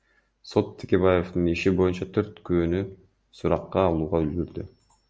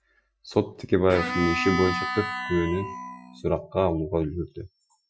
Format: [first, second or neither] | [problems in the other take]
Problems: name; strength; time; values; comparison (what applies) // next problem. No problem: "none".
first | noise reduction (classical method Wiener filter)